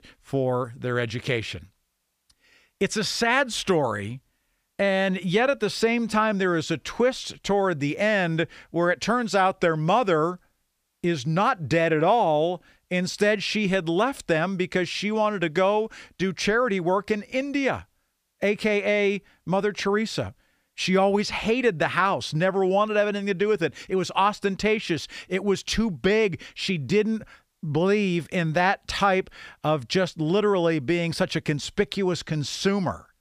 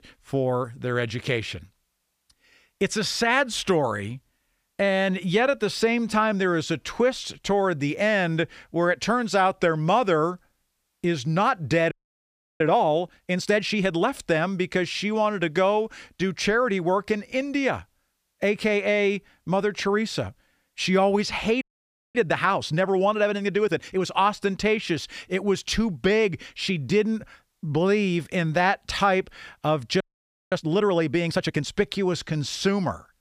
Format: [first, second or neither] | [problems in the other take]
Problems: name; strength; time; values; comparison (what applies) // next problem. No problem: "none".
first | audio freezing; at 12 s for 0.5 s, at 22 s for 0.5 s and at 30 s for 0.5 s